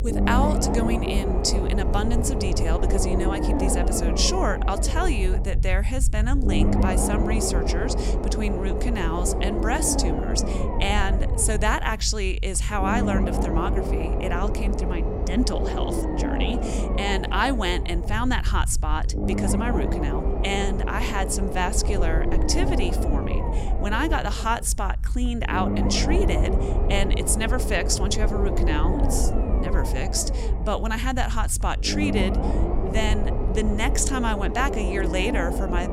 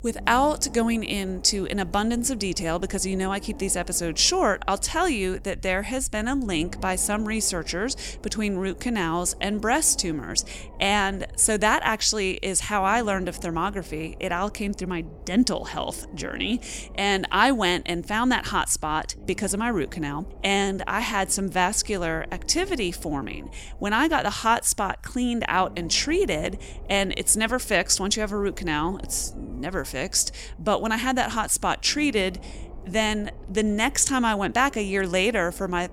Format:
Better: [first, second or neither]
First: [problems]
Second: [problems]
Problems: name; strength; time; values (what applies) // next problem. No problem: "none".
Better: second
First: low rumble; loud; throughout; 4 dB below the speech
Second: low rumble; faint; throughout; 25 dB below the speech